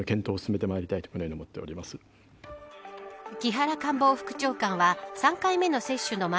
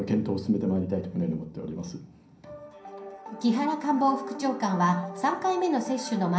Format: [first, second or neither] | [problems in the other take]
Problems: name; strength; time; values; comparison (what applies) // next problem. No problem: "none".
first | room echo; dies away in 0.6 s